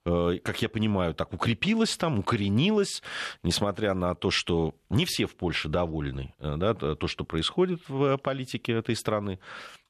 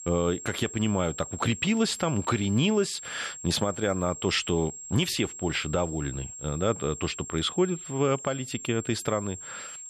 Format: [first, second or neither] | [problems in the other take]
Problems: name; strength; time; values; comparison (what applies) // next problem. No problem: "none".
first | high-pitched whine; noticeable; throughout; 7.5 kHz, 10 dB below the speech